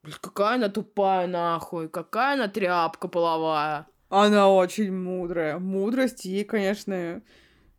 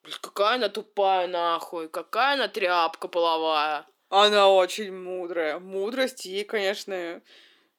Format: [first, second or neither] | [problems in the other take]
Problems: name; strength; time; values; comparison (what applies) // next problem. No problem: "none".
first | thin; somewhat; fading below 350 Hz